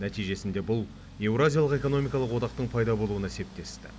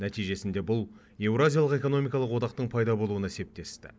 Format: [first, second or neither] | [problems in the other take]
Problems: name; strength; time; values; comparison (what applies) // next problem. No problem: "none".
second | background sound (Accelerating, revving, vroom); 16 dB below the speech